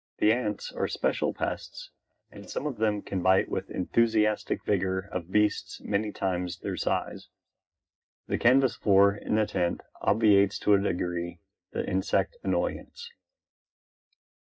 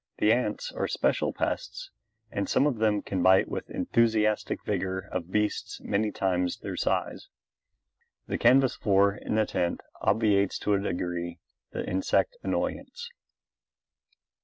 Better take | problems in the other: second | noise reduction (neural mask model DeepFilterNet 3)

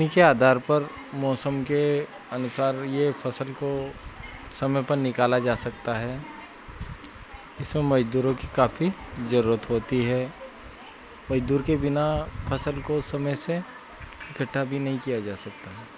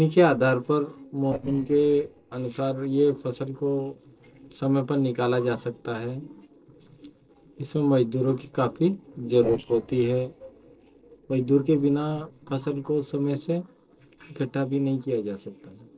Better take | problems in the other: first | noise reduction (neural separator model SepFormer DNS4)

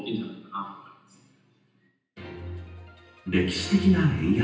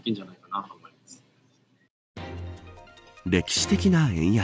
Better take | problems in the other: second | room echo; dies away in 0.9 s

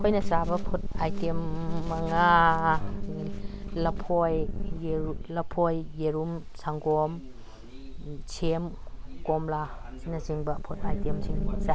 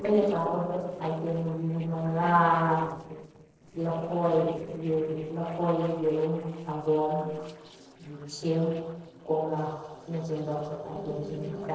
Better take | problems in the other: first | noise reduction (neural separator model SepFormer DNS4)

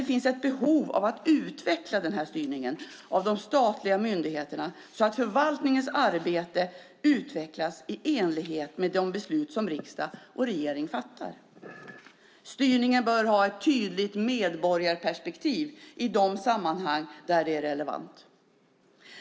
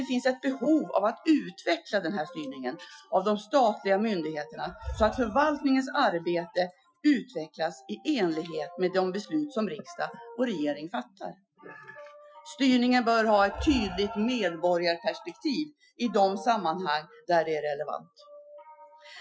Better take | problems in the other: first | noise reduction (classical method Wiener filter)

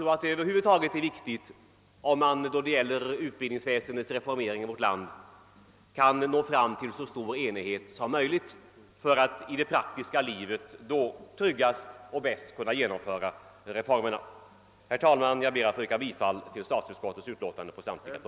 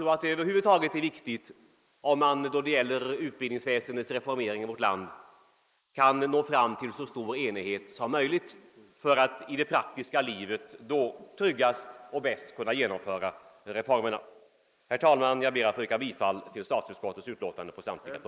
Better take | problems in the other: first | noise reduction (neural mask model Resemble Enhance denoiser)

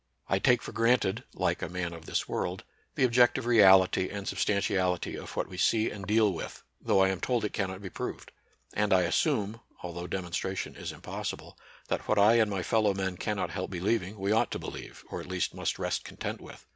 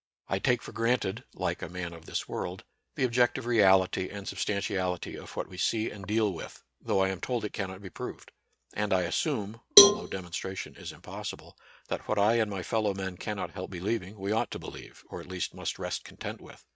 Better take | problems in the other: first | noise reduction (neural mask model RNNoise)

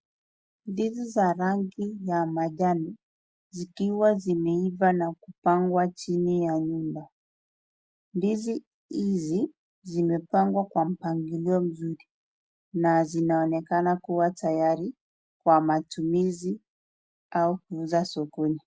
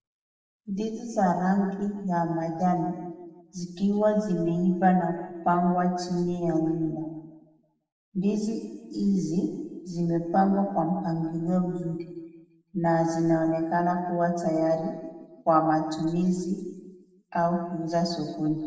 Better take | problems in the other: first | room echo; dies away in 1.1 s

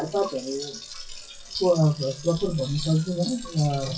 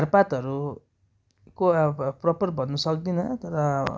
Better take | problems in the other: second | noise reduction (classical method WPE with log-MMSE)

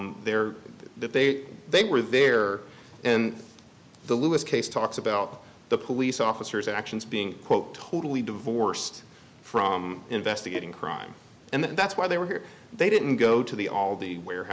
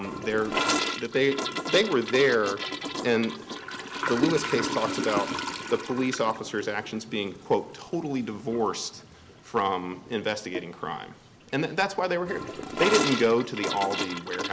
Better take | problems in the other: first | background sound (Toilet flush / Gurgling); 5 dB below the speech

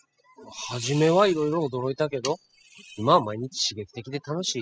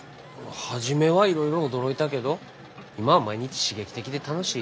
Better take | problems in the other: second | noise reduction (classical method spectral subtraction)

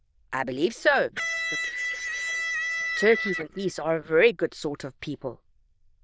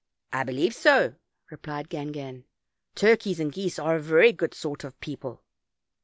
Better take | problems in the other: second | noise reduction (neural diffusion model UNIVERSE++)

